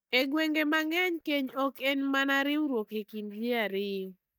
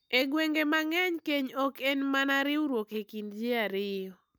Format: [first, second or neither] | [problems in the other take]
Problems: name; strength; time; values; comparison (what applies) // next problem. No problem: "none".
second | noise reduction (neural mask model DeepFilterNet 3)